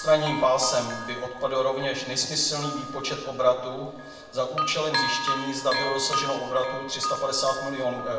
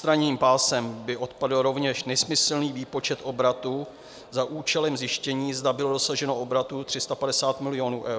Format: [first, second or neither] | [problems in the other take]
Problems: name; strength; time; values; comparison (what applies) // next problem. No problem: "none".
second | background sound (Bell); 6 dB below the speech // room echo; dies away in 1 s